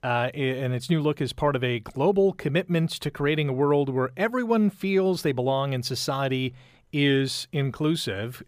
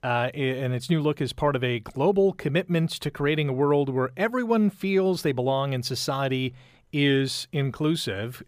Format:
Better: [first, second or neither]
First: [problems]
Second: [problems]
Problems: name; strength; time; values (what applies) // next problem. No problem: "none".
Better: neither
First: none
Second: none